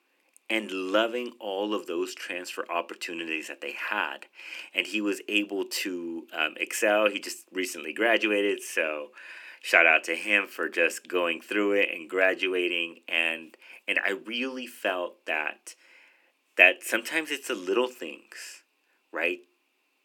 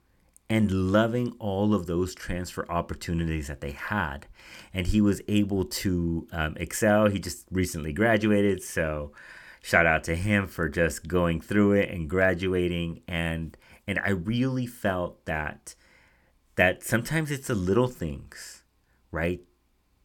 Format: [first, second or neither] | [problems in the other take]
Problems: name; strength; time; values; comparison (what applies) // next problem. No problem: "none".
second | thin; somewhat; fading below 300 Hz